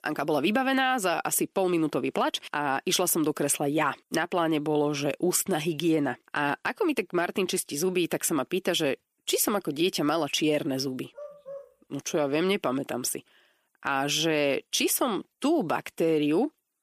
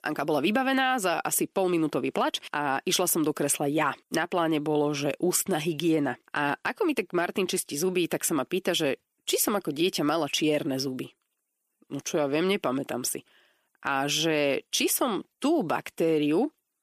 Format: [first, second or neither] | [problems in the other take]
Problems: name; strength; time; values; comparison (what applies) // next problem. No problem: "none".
second | dog barking; faint; at 11 s; peak 15 dB below the speech